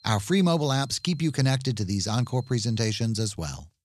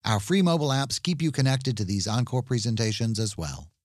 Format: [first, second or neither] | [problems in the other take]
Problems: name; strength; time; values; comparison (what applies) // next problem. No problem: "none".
second | high-pitched whine; faint; until 1.5 s and at 2 s; 4 kHz, 30 dB below the speech